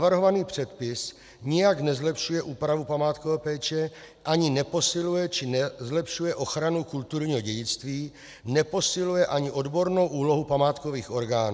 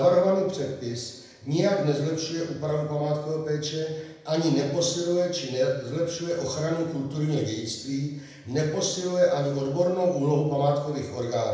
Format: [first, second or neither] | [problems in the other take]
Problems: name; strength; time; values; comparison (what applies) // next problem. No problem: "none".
first | room echo; dies away in 0.9 s